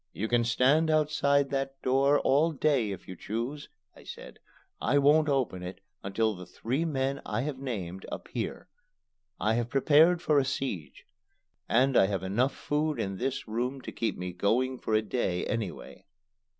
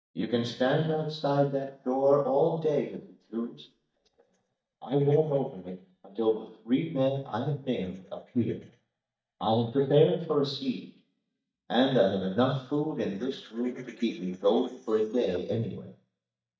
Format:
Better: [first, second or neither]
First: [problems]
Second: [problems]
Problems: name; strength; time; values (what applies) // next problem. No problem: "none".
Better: first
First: none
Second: noise reduction (neural mask model DeepFilterNet 3)